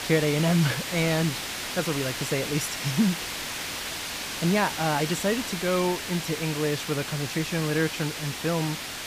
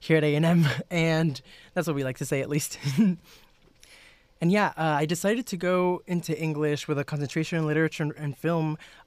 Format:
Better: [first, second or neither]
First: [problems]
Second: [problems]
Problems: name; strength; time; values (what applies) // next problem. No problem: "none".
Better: second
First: hiss; loud; throughout; 4 dB below the speech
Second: none